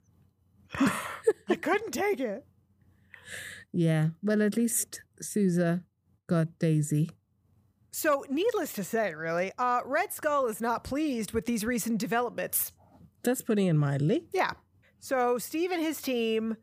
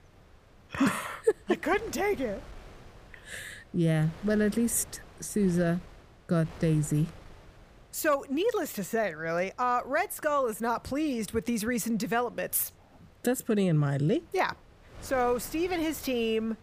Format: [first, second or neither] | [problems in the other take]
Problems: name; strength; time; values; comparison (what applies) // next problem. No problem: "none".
first | wind noise on the microphone; occasional gusts; 25 dB below the speech